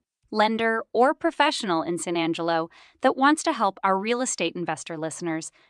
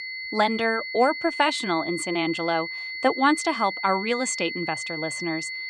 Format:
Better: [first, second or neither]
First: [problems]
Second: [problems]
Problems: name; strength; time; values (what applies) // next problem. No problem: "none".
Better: first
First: none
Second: high-pitched whine; loud; throughout; 2 kHz, 6 dB below the speech